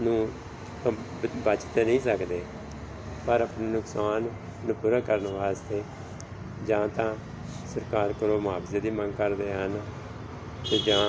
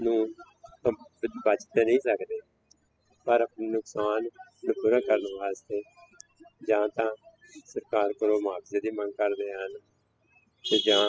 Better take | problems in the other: first | noise reduction (classical method spectral subtraction)

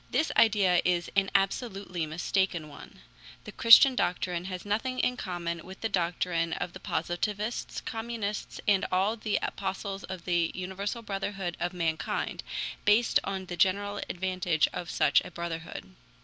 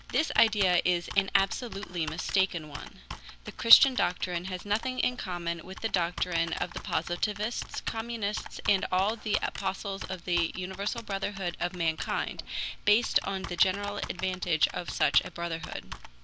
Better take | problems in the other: first | background sound (Computer keyboard); 11 dB below the speech

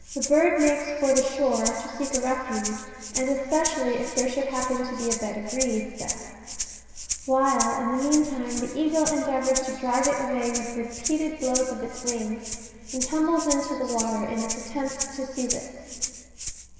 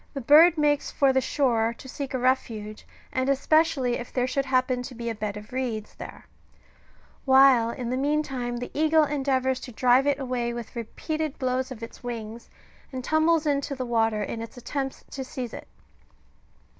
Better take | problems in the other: second | background sound (Rattle (instrument)); 8 dB below the speech // room echo; dies away in 2.2 s

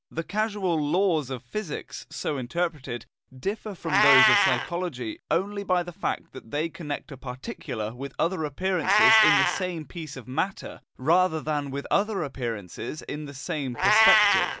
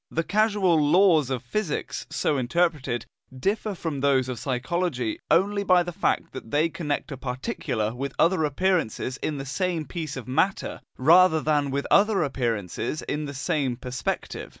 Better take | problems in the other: second | background sound (Meow); 1 dB below the speech

